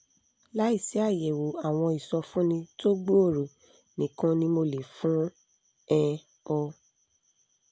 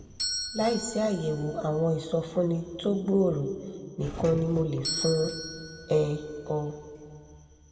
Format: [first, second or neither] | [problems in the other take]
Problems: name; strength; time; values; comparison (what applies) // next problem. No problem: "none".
first | background sound (Doorbell); 10 dB below the speech // room echo; dies away in 1.6 s